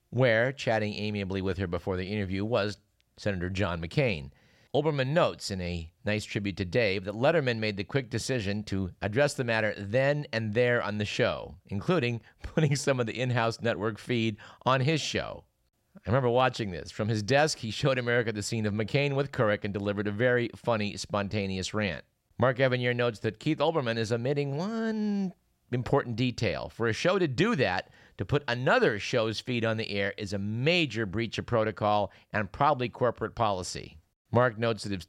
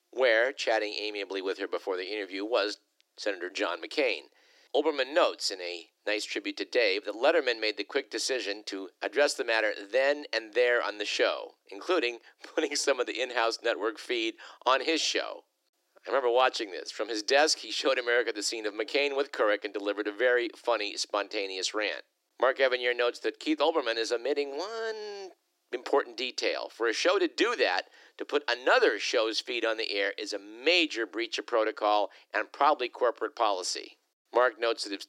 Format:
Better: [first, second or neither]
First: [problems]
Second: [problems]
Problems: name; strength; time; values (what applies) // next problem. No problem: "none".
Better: first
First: none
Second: thin; very; fading below 300 Hz